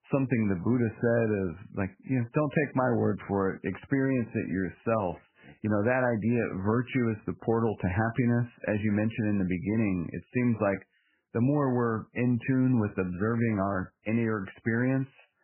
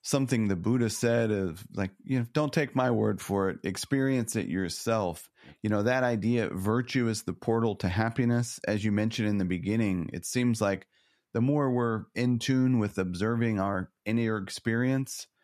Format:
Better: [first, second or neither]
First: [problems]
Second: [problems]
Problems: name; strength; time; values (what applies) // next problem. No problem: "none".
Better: second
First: garbled, watery; badly; nothing above 2.5 kHz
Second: none